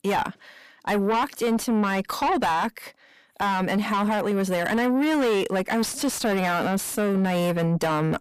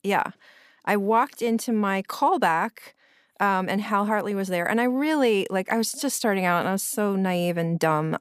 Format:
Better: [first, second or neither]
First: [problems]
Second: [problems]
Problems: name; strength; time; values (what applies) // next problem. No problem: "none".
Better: second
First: distortion; heavy; 8 dB below the speech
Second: none